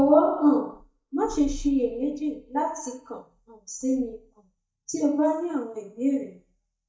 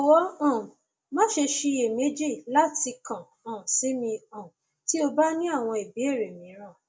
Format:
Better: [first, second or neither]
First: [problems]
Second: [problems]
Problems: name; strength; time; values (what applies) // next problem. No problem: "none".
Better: second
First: noise reduction (neural mask model DeepFilterNet 3)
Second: none